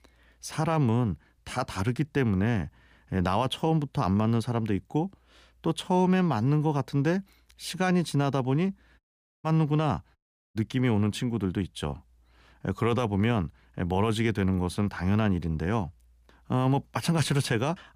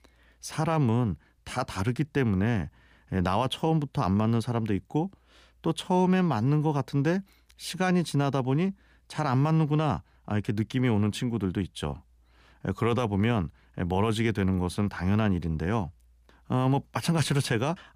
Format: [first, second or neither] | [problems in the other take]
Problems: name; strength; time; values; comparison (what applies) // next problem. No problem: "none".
second | audio cutting out; at 9 s and at 10 s